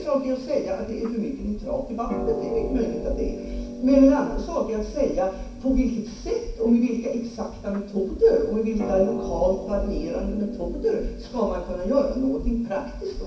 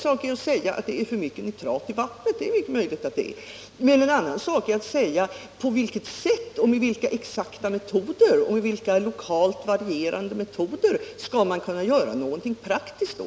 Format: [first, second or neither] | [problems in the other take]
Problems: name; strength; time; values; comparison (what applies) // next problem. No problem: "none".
second | background sound (Harp); 8 dB below the speech // room echo; dies away in 0.6 s